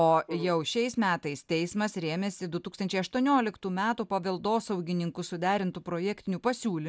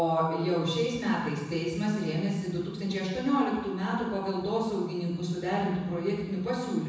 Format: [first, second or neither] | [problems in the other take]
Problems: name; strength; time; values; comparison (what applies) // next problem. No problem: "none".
first | room echo; dies away in 1.1 s